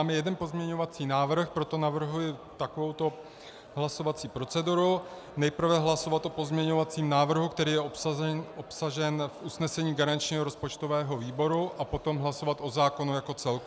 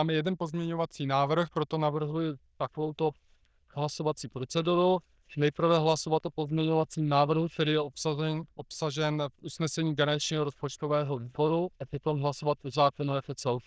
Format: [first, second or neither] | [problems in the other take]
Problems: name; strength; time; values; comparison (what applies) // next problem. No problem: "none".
first | noise reduction (neural diffusion model UNIVERSE++)